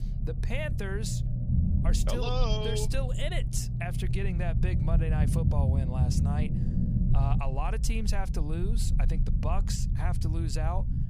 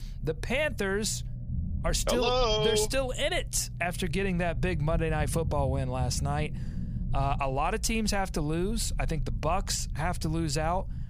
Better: second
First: low rumble; loud; throughout; 5 dB below the speech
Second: low rumble; faint; throughout; 20 dB below the speech

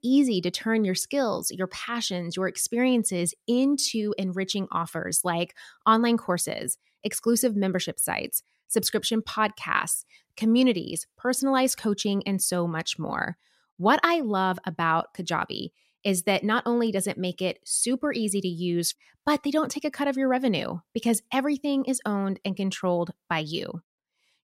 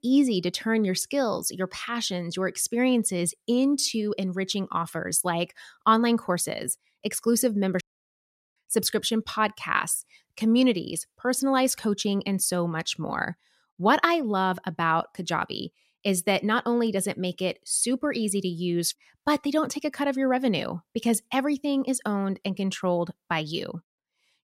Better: first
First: none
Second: audio cutting out; at 8 s for 1 s

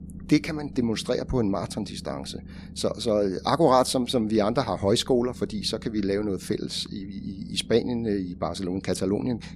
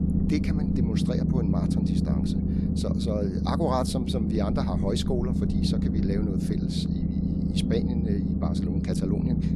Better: first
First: low rumble; faint; throughout; 25 dB below the speech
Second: low rumble; loud; throughout; as loud as the speech

